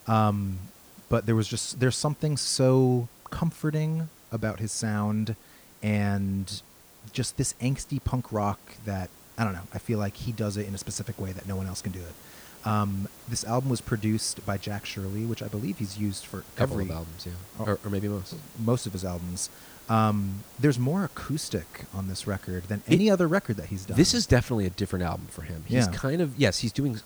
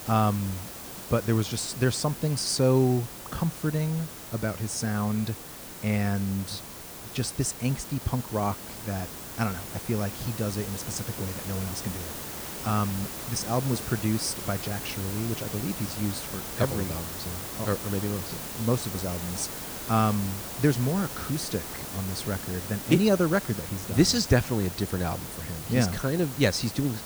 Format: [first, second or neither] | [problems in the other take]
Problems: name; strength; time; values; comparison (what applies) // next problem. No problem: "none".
first | hiss; loud; throughout; 8 dB below the speech; faint in the first